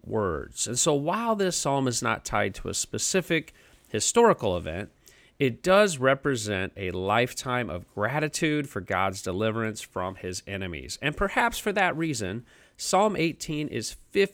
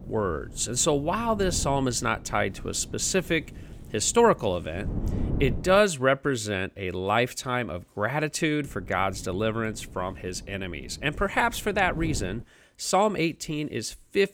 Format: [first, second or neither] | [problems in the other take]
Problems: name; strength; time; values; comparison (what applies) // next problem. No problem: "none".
first | wind noise on the microphone; occasional gusts; until 6 s and from 8.5 to 12 s; 20 dB below the speech